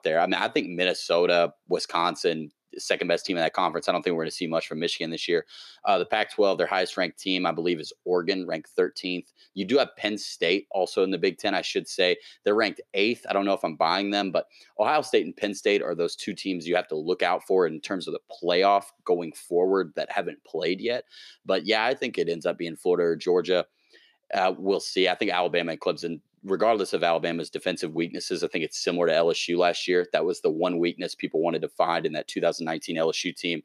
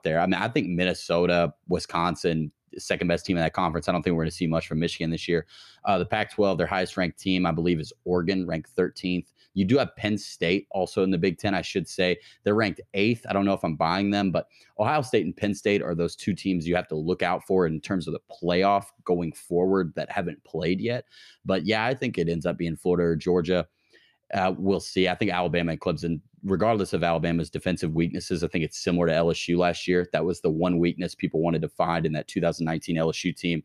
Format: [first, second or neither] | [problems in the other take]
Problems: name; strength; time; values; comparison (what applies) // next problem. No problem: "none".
second | thin; somewhat; fading below 400 Hz